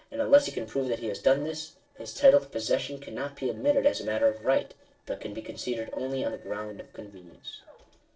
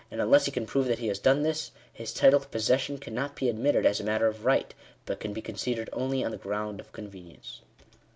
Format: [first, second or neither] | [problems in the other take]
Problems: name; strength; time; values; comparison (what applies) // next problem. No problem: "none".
second | noise reduction (neural separator model SepFormer DNS4)